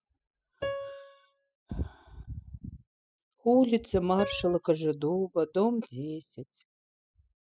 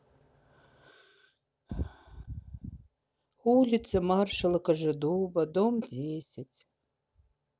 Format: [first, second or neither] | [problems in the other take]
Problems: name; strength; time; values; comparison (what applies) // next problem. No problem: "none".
second | noise reduction (classical method spectral subtraction)